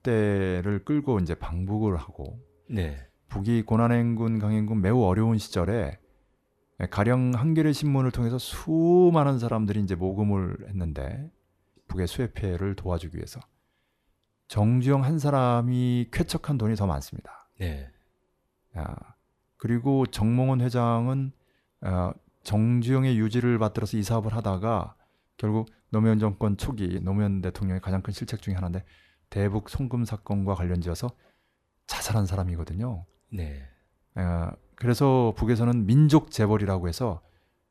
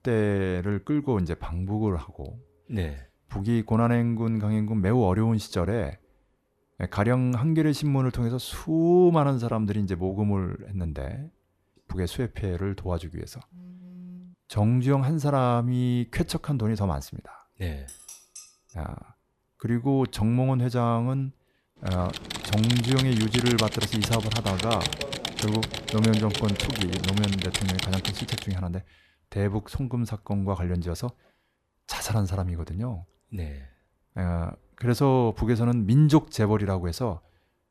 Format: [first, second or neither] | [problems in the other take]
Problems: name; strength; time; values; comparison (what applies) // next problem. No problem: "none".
first | phone ringing; faint; at 14 s; peak 15 dB below the speech // clattering dishes; faint; at 18 s; peak 15 dB below the speech // keyboard typing; noticeable; from 22 to 28 s; peak level with the speech